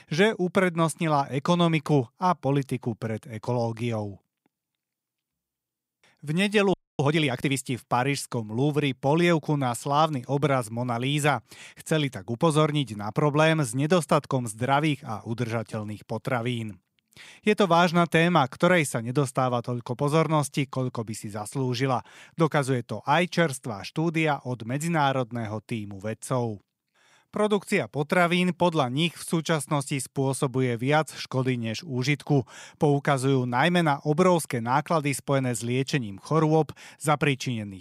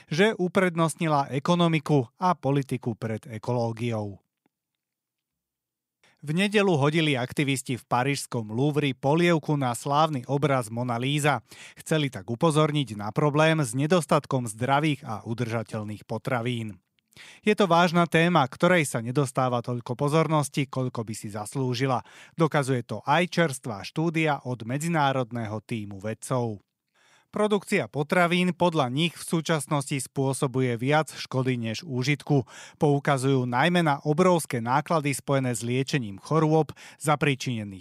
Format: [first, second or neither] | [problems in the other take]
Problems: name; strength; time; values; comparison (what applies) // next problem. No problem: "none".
second | audio freezing; at 6.5 s